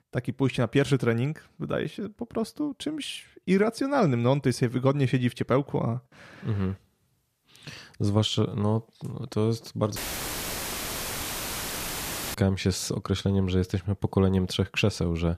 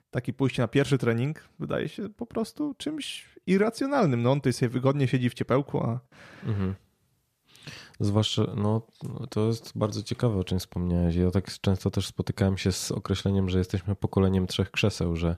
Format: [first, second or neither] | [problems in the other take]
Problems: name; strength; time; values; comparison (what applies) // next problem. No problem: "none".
second | audio cutting out; filled with static; at 10 s for 2.5 s